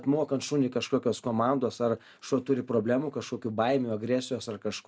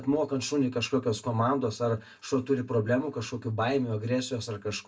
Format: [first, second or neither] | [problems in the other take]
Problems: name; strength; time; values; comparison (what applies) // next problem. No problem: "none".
first | room echo; dies away in 0.2 s